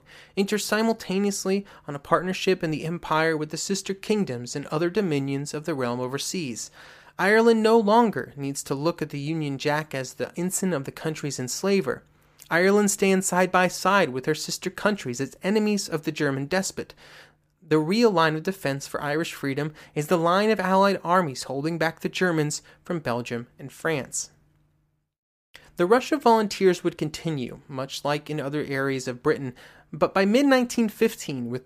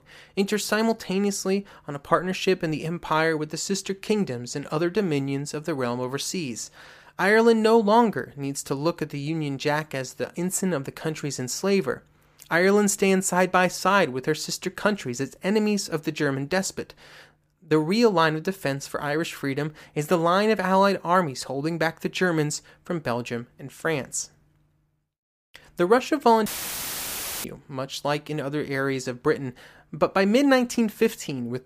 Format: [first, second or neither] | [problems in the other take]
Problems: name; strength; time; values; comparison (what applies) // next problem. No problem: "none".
first | audio cutting out; filled with static; at 26 s for 1 s